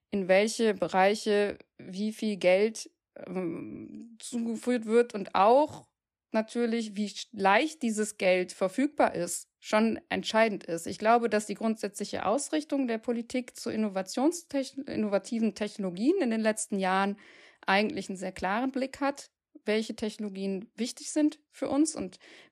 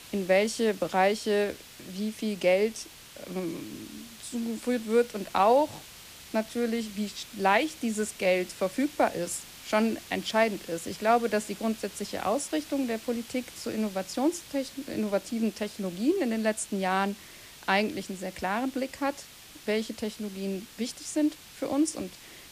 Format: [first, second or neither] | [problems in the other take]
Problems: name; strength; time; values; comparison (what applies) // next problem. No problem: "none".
first | hiss; noticeable; throughout; 15 dB below the speech